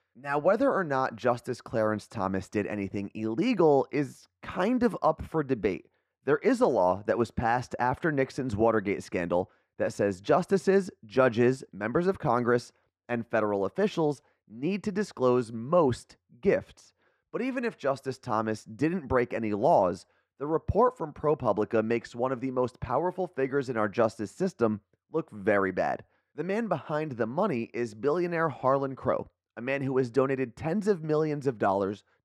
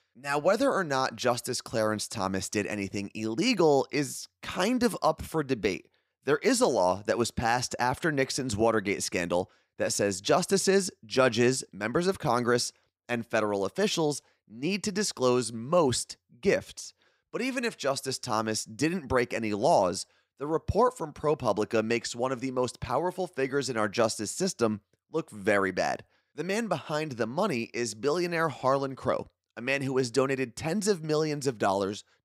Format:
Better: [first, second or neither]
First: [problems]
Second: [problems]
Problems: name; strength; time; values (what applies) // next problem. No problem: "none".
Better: second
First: muffled; very; fading above 3 kHz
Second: none